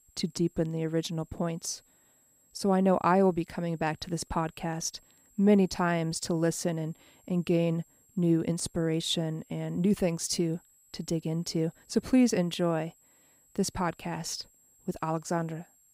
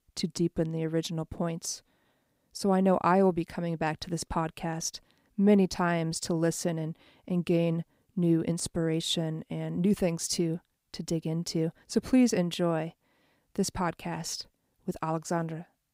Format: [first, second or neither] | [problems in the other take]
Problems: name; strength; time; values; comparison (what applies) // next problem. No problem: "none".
second | high-pitched whine; faint; throughout; 7.5 kHz, 30 dB below the speech